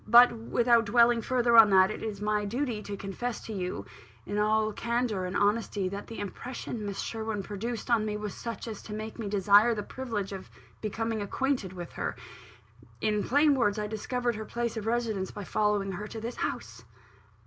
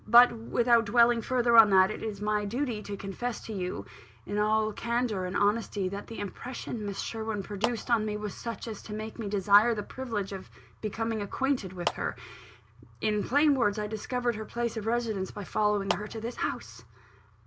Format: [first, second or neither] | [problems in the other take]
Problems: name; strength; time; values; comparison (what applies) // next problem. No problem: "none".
first | background sound (Clapping); 10 dB below the speech